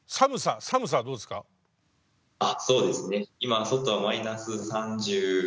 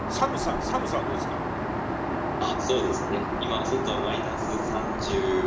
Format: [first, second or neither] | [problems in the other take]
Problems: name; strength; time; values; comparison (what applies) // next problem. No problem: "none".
first | background sound (Aircraft); 2 dB above the speech // room echo; dies away in 1.4 s